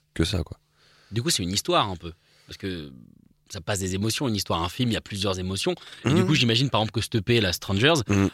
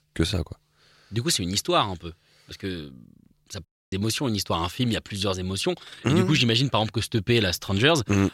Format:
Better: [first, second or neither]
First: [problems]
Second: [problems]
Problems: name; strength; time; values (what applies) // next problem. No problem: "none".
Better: first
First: none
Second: audio cutting out; at 3.5 s